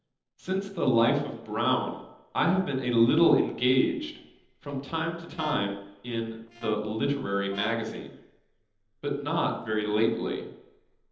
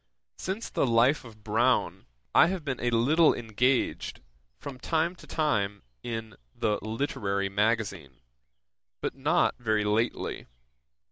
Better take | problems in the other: second | noise reduction (neural separator model SepFormer DNS4)

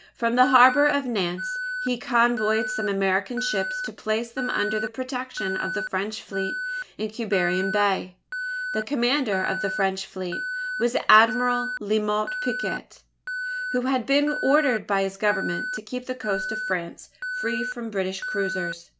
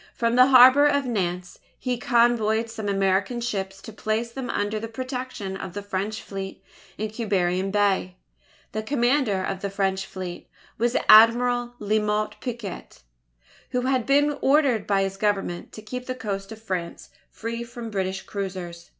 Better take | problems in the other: second | background sound (Alarm); 7 dB below the speech

